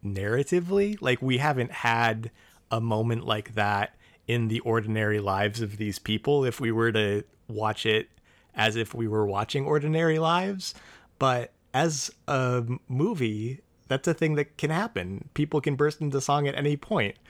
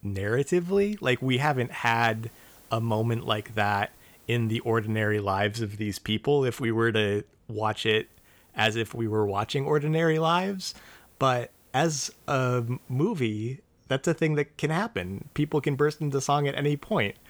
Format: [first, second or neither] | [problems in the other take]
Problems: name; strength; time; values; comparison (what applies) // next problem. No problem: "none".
first | hiss; faint; until 5 s, from 8 to 13 s and from 15 s on; 30 dB below the speech